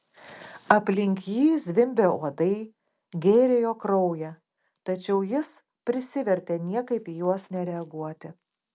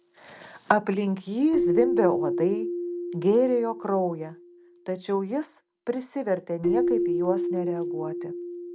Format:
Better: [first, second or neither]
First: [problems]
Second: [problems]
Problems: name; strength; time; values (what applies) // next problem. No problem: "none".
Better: first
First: none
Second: background sound (Keyboard (musical)); 2 dB below the speech